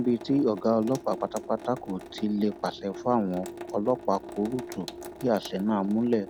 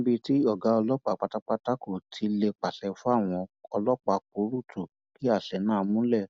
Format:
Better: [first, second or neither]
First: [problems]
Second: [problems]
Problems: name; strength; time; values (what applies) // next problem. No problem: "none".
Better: second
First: background sound (Sink (filling or washing) / Water tap, faucet); 14 dB below the speech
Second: none